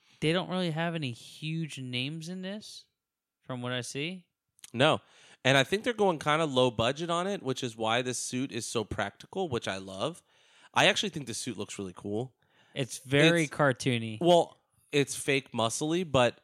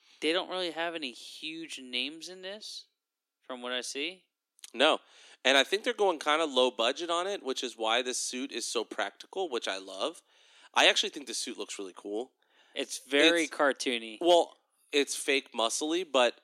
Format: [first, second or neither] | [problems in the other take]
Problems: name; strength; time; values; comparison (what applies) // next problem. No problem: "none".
first | thin; somewhat; fading below 250 Hz